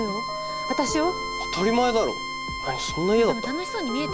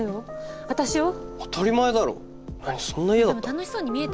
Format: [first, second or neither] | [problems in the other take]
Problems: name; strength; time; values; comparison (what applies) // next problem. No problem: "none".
second | background sound (Bowed string instrument); 6 dB below the speech